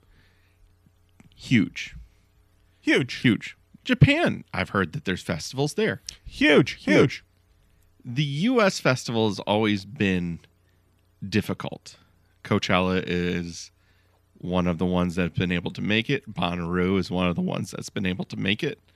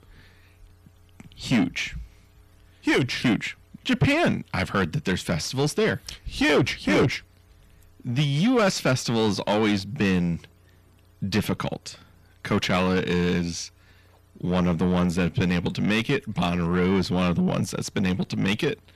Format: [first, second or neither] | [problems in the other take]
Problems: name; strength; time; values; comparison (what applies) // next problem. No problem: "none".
first | distortion; heavy; 7 dB below the speech